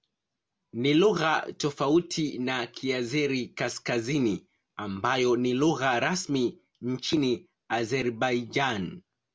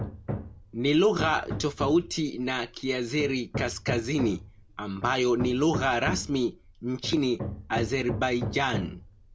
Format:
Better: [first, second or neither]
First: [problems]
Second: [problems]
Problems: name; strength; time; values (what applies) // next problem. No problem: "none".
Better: first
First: none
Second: background sound (Hammer); 9 dB below the speech